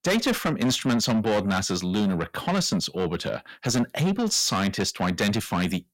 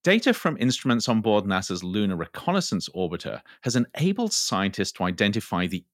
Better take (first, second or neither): second